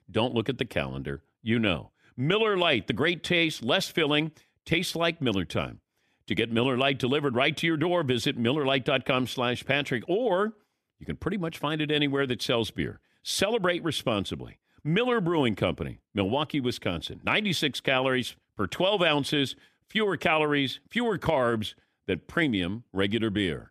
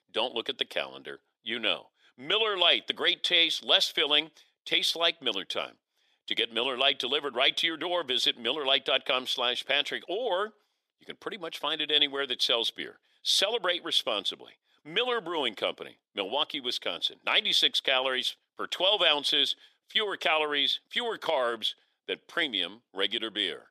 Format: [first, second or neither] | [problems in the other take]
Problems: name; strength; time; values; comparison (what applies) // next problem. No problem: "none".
first | thin; somewhat; fading below 550 Hz